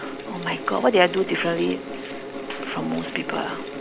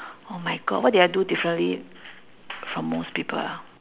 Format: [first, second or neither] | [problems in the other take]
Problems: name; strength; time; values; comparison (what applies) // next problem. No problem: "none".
second | background sound (Mechanical fan); 8 dB below the speech